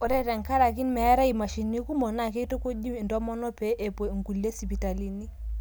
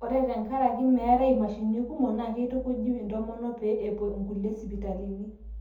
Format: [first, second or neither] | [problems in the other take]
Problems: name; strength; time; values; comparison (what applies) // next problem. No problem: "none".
first | room echo; dies away in 0.5 s